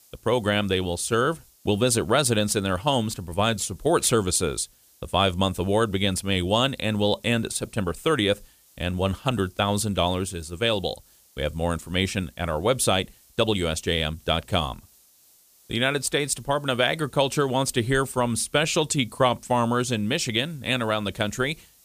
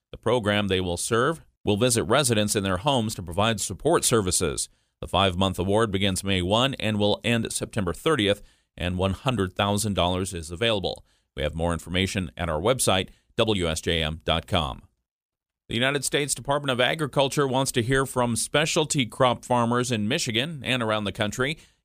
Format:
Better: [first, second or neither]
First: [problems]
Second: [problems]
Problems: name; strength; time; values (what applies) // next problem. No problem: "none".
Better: second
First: hiss; faint; throughout; 30 dB below the speech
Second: none